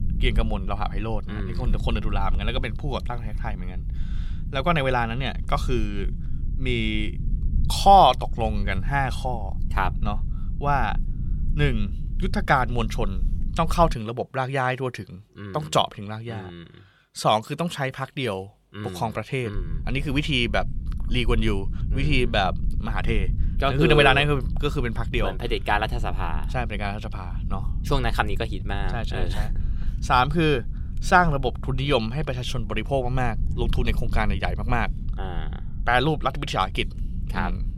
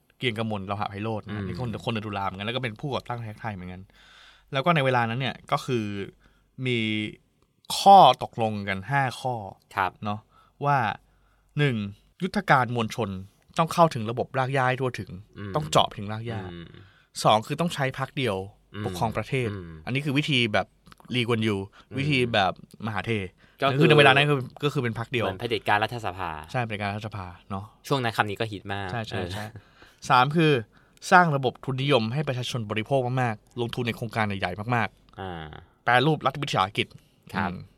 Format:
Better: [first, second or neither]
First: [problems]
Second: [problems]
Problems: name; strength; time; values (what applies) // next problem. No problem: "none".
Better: second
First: low rumble; faint; until 14 s and from 20 s on; 20 dB below the speech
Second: none